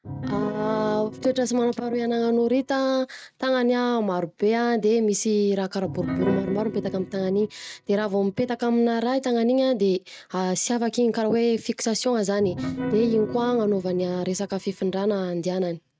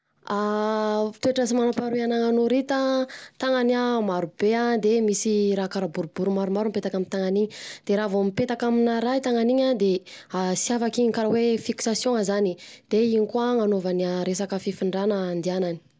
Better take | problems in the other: second | noise reduction (neural mask model RNNoise)

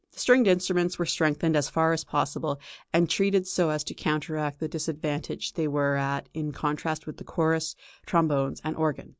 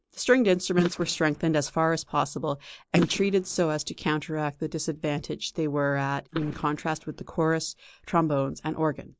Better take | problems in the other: first | noise reduction (neural mask model Resemble Enhance denoiser)

